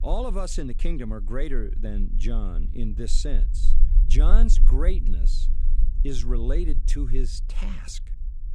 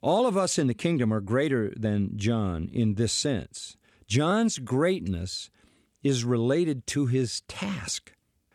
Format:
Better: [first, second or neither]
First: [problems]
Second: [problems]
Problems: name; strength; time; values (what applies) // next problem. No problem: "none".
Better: second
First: low rumble; noticeable; throughout; 15 dB below the speech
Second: none